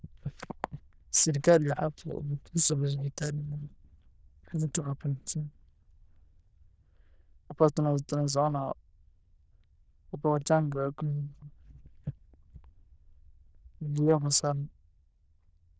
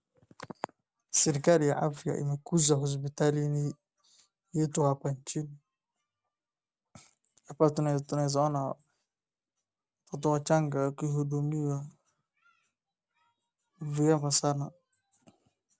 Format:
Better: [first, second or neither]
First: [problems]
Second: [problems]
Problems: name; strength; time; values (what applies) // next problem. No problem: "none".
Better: second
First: noise reduction (neural diffusion model UNIVERSE++)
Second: none